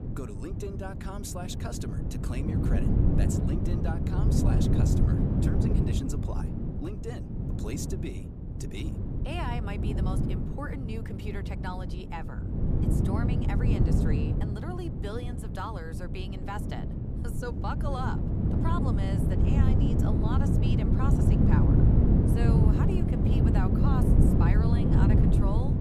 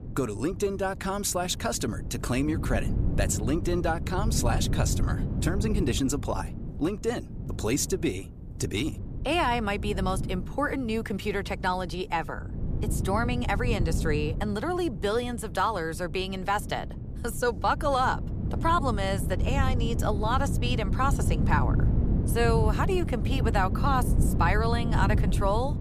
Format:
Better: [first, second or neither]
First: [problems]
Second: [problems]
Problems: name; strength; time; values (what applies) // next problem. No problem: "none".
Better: second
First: wind noise on the microphone; heavy; 3 dB above the speech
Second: wind noise on the microphone; occasional gusts; 10 dB below the speech